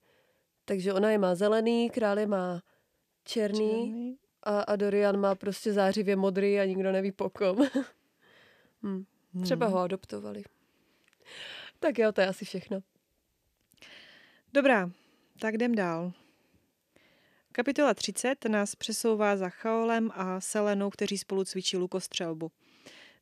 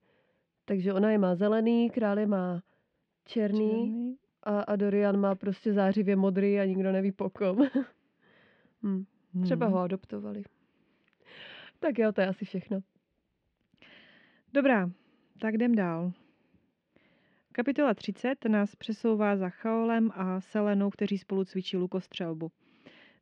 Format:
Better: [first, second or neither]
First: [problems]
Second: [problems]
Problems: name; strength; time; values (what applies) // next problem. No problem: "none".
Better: first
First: none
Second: muffled; slightly; fading above 3 kHz